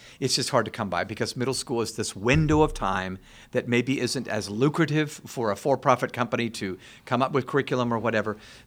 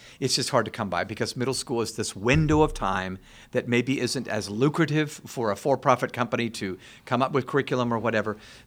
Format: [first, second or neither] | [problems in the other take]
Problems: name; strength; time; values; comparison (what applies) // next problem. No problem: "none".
neither | none